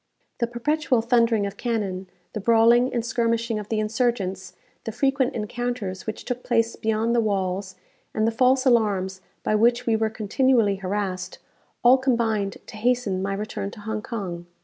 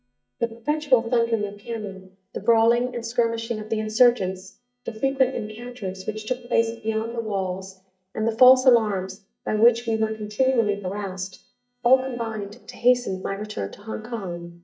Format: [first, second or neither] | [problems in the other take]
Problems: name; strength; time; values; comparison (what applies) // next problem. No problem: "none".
first | noise reduction (neural mask model DeepFilterNet 3)